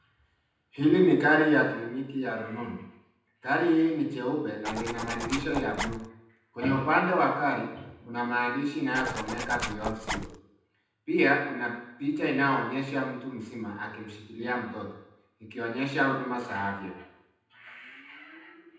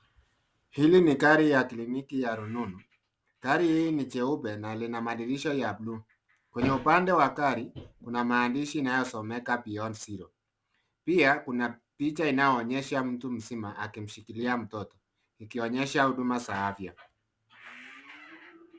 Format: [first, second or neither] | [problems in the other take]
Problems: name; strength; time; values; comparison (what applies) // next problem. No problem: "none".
second | background sound (Zipper (clothing)); 6 dB below the speech // room echo; dies away in 0.8 s